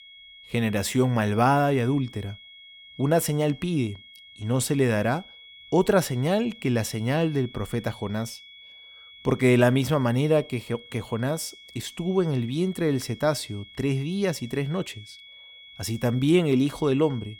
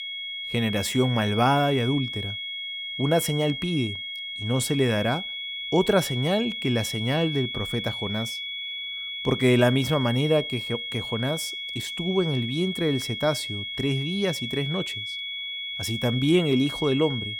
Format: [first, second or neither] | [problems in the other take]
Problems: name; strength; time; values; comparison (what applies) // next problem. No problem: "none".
first | high-pitched whine; loud; throughout; 3.5 kHz, 5 dB below the speech; faint in the first